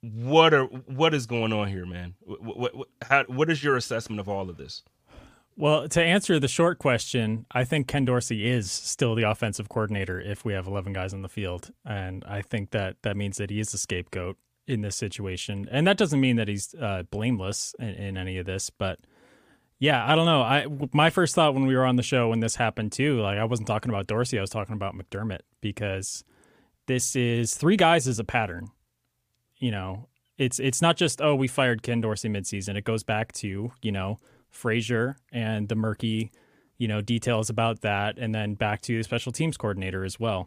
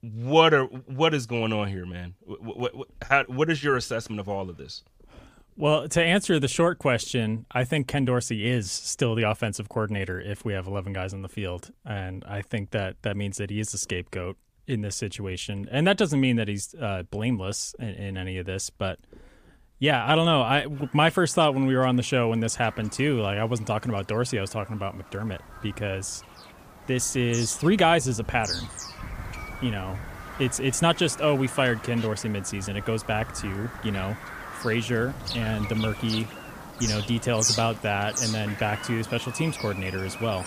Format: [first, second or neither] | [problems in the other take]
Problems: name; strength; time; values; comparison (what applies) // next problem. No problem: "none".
first | animal sounds; loud; throughout; 9 dB below the speech